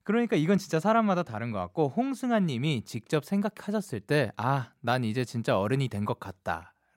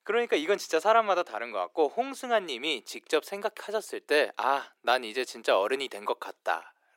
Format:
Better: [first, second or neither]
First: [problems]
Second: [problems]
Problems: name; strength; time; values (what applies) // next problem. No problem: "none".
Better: first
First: none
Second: thin; very; fading below 350 Hz